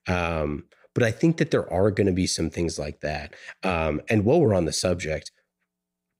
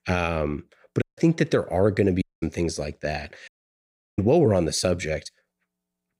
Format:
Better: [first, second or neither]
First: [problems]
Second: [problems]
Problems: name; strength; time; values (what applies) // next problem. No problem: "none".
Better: first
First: none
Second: audio cutting out; at 1 s, at 2 s and at 3.5 s for 0.5 s